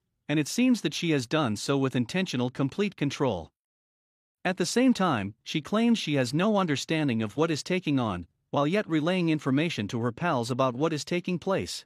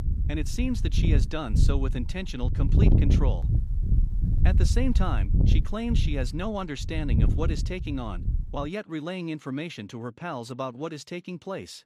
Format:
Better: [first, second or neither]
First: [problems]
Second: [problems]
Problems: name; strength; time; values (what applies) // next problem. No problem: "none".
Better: first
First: none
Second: wind noise on the microphone; heavy; until 8.5 s; 5 dB below the speech